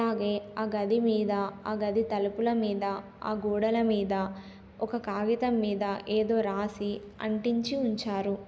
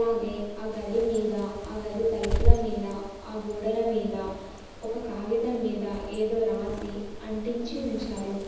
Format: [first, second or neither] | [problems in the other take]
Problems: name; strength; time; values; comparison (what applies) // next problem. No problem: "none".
first | background sound (Bird); 1 dB below the speech // room echo; dies away in 1.1 s